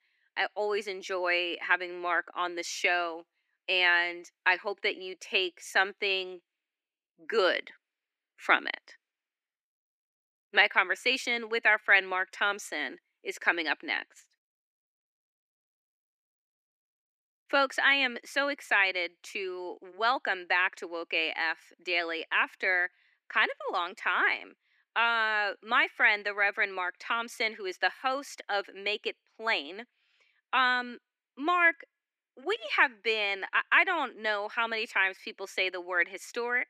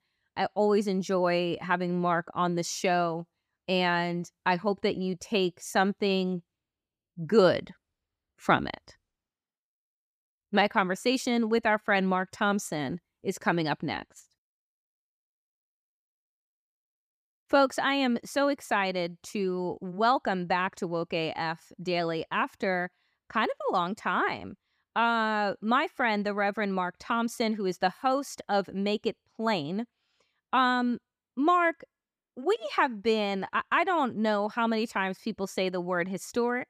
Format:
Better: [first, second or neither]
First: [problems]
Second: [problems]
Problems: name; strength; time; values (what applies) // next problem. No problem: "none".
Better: second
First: thin; very; fading below 300 Hz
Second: none